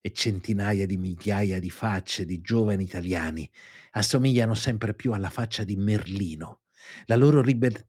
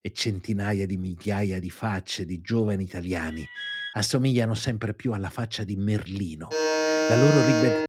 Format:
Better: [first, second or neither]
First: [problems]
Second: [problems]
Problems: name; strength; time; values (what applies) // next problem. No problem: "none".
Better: first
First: none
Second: alarm; noticeable; at 3.5 s; peak 5 dB below the speech // alarm; loud; from 6.5 s on; peak 4 dB above the speech